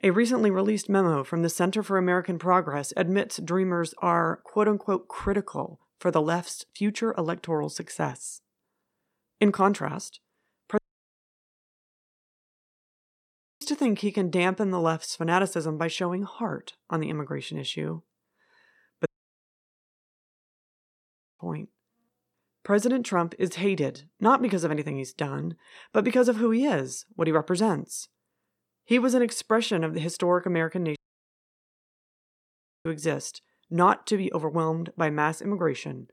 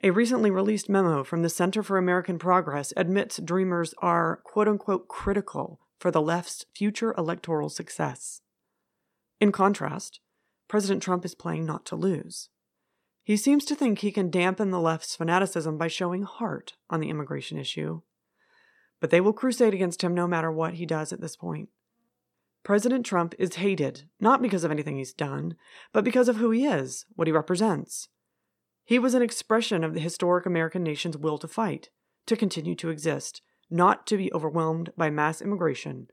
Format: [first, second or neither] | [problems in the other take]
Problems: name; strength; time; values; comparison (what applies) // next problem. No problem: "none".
second | audio cutting out; at 11 s for 3 s, at 19 s for 2.5 s and at 31 s for 2 s